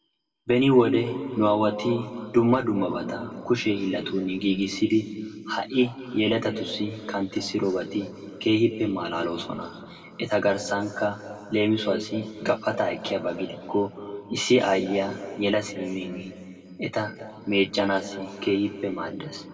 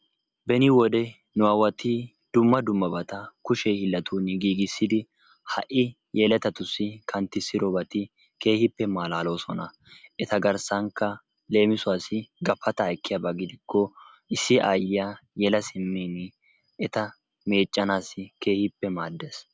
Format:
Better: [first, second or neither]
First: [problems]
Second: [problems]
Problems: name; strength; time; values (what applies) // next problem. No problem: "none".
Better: second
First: room echo; dies away in 2.4 s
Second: none